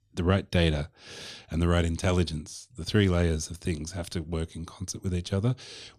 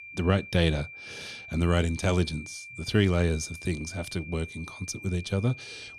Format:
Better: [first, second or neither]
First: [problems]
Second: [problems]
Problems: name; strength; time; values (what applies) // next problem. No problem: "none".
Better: first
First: none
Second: high-pitched whine; noticeable; throughout; 2.5 kHz, 15 dB below the speech